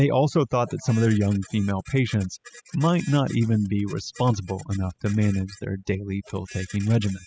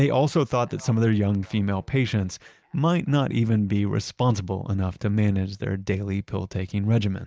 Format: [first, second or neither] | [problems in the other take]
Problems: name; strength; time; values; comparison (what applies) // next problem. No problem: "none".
second | noise reduction (classical method spectral subtraction)